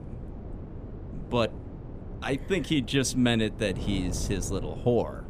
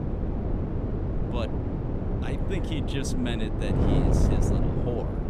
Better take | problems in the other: first | wind noise on the microphone; heavy; 2 dB above the speech; occasional gusts in the first

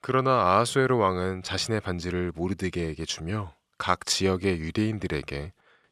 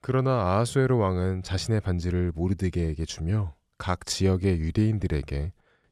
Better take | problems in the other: second | thin; somewhat; fading below 300 Hz

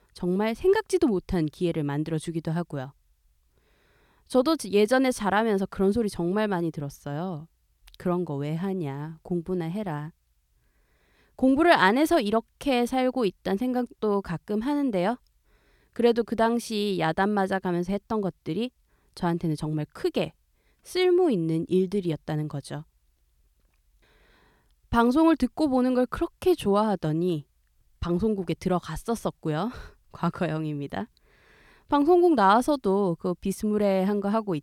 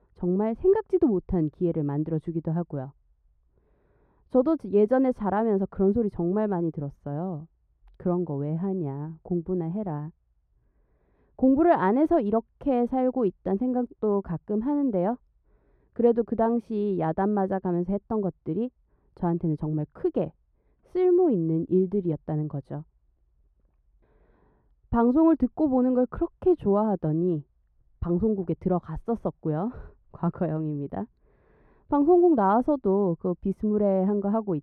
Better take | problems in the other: first | muffled; very; fading above 2 kHz

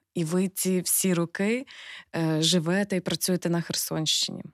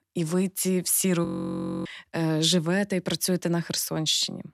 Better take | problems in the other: first | audio freezing; at 1.5 s for 0.5 s

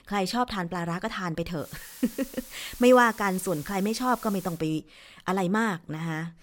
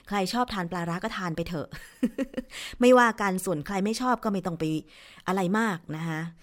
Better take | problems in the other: second | hiss; noticeable; from 1.5 to 4.5 s; 15 dB below the speech

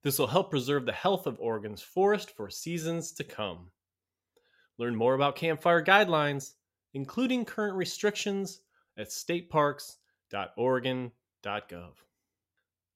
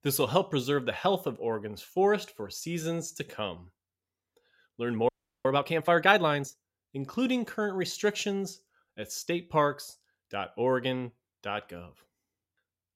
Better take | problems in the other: first | audio freezing; at 5 s

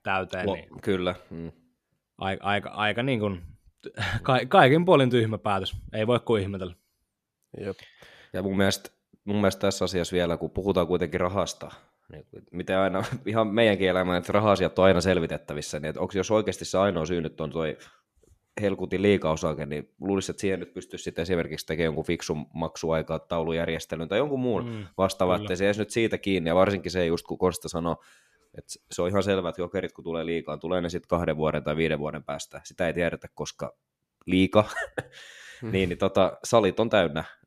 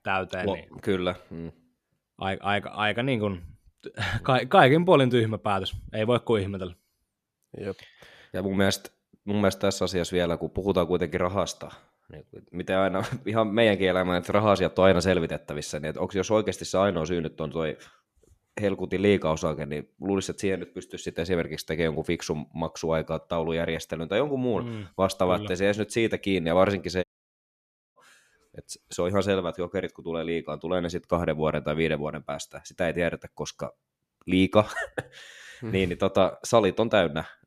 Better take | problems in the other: first | audio cutting out; at 27 s for 1 s

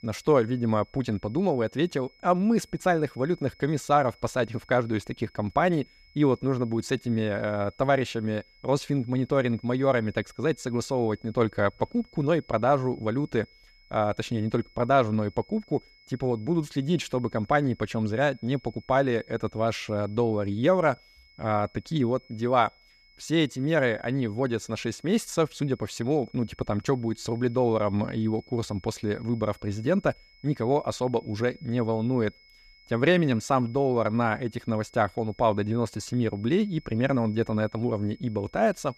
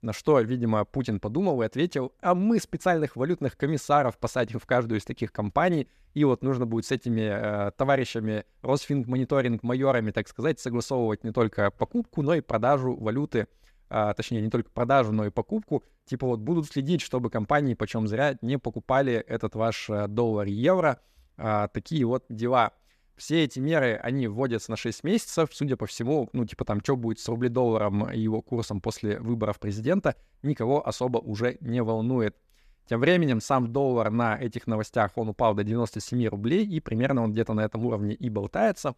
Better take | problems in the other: second | high-pitched whine; faint; throughout; 2 kHz, 30 dB below the speech

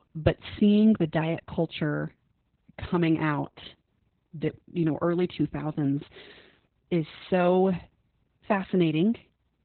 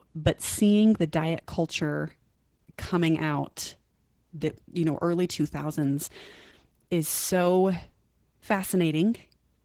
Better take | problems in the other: second | garbled, watery; badly; nothing above 4 kHz; slightly in the second

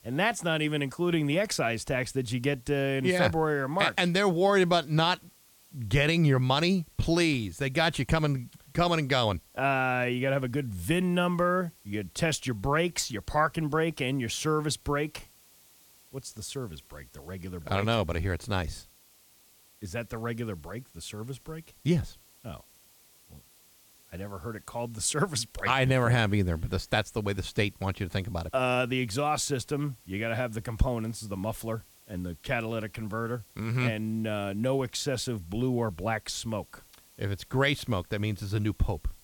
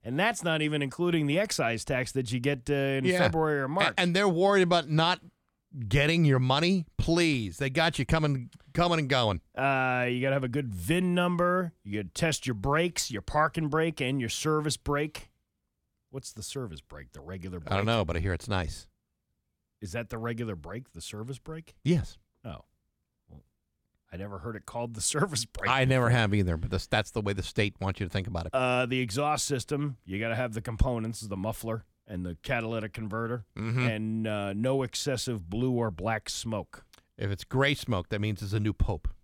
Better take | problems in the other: second | hiss; faint; throughout; 25 dB below the speech

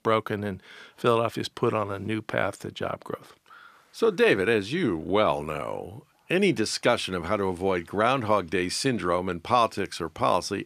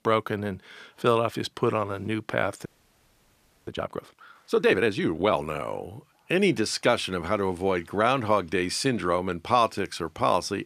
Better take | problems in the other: first | audio freezing; at 2.5 s for 1 s

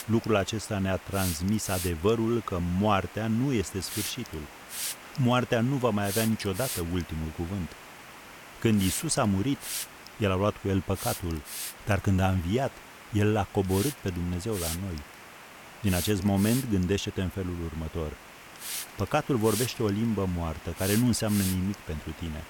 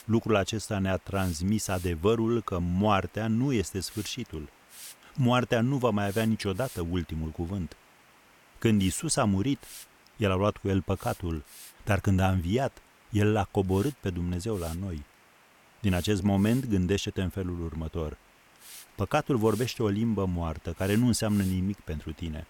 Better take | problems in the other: second | hiss; loud; throughout; 10 dB below the speech; faint in the second

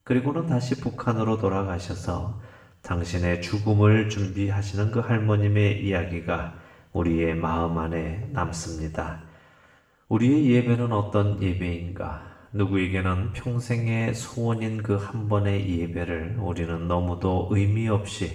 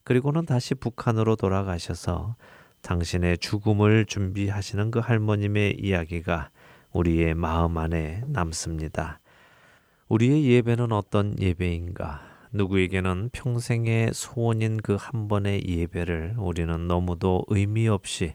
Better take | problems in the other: second | room echo; slight; dies away in 0.7 s // off-mic speech; far

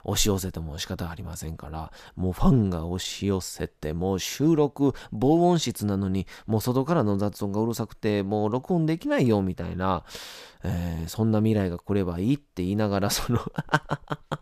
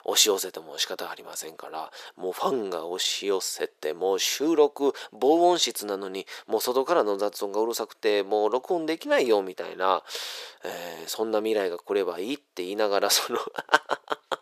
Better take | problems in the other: first | thin; very; fading below 400 Hz

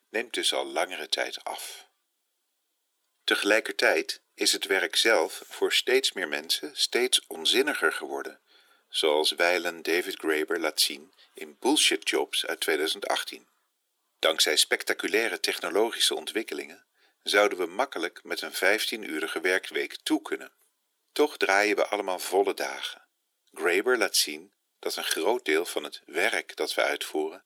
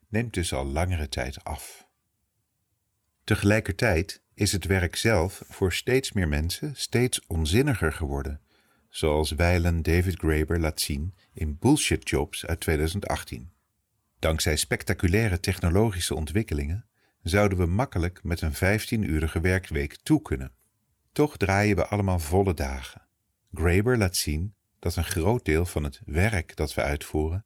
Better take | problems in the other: second | thin; very; fading below 350 Hz

